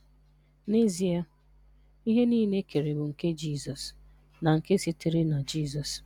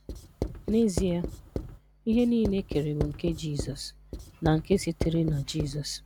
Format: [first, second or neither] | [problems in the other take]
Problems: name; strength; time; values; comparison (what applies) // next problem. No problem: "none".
first | background sound (Writing); 7 dB below the speech